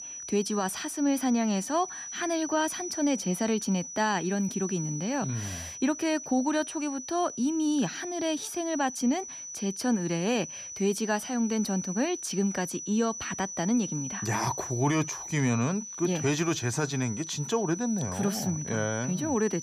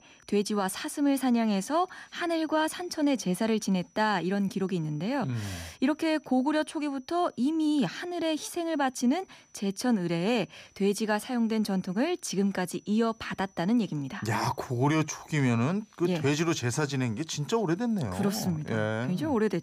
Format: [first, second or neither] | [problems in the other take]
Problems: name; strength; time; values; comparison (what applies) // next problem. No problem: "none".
second | high-pitched whine; loud; throughout; 6 kHz, 8 dB below the speech; faint in the second